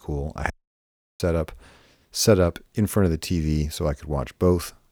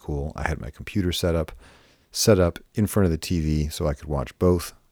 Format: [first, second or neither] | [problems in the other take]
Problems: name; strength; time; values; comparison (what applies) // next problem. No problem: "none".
second | audio cutting out; at 0.5 s for 0.5 s